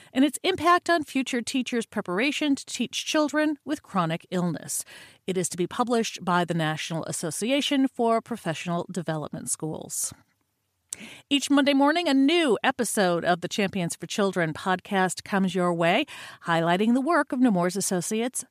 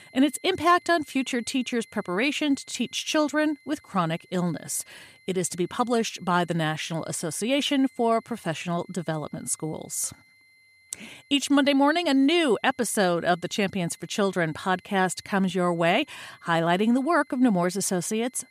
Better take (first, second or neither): first